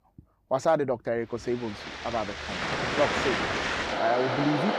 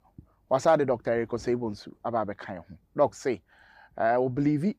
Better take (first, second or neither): second